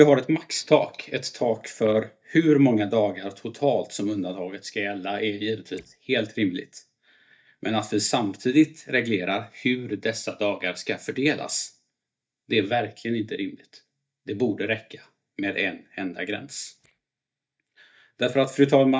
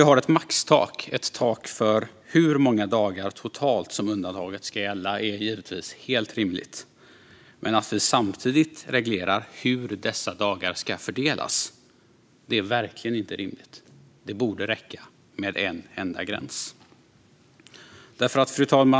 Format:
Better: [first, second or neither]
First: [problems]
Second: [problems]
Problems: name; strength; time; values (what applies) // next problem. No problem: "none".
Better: second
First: noise reduction (neural mask model DeepFilterNet 3)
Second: none